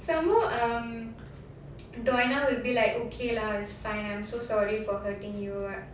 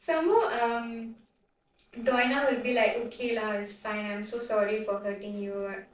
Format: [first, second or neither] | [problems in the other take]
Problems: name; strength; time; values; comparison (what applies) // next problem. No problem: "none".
first | noise reduction (neural separator model SepFormer DNS4)